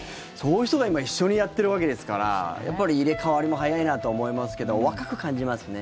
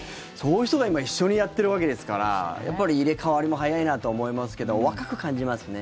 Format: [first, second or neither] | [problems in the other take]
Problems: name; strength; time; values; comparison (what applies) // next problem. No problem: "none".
second | background sound (Guitar); 16 dB below the speech